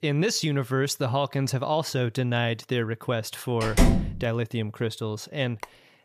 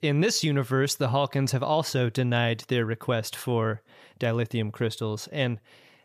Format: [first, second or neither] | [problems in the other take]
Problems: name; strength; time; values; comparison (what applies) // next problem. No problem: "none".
second | door banging; loud; at 3.5 s; peak 5 dB above the speech // phone ringing; very faint; at 5.5 s; peak 15 dB below the speech